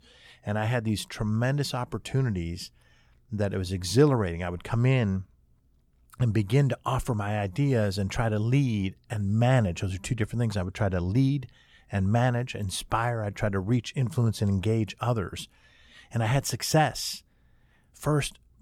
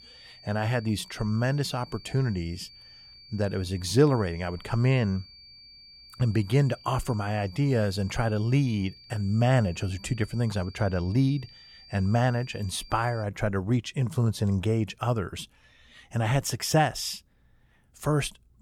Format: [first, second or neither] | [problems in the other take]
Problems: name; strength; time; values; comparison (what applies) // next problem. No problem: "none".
first | high-pitched whine; faint; until 13 s; 4.5 kHz, 20 dB below the speech